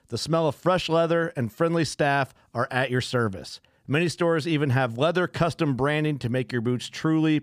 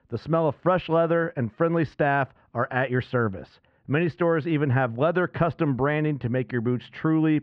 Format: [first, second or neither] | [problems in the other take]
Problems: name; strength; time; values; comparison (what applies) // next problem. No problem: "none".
first | muffled; very; fading above 2 kHz